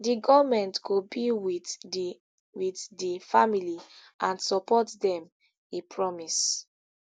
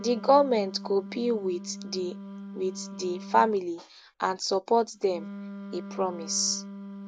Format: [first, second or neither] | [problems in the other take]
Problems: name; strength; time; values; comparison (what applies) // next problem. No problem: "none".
first | background sound (Wind instrument, woodwind instrument); 13 dB below the speech